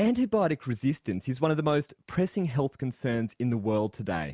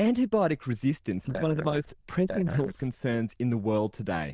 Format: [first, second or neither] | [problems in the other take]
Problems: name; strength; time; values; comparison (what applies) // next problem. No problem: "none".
first | noise reduction (neural diffusion model UNIVERSE++)